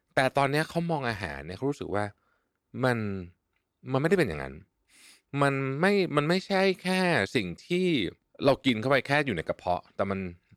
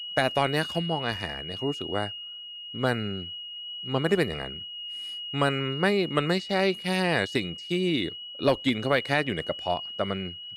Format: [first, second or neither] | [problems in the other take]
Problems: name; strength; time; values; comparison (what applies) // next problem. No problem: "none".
first | high-pitched whine; loud; throughout; 3 kHz, 8 dB below the speech